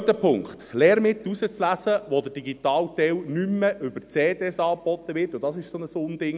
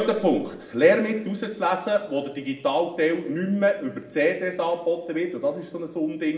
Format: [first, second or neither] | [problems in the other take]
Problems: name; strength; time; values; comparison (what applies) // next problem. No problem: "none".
first | room echo; dies away in 0.7 s